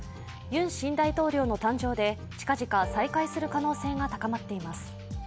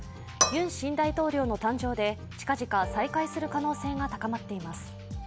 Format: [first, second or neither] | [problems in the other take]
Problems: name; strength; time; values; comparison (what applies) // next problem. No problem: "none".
first | background sound (Cutlery, silverware / Dishes, pots, and pans); as loud as the speech